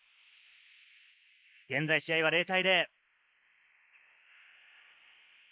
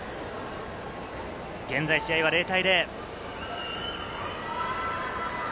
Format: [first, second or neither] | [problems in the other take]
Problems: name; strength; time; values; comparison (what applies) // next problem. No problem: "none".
second | noise reduction (neural mask model Resemble Enhance denoiser)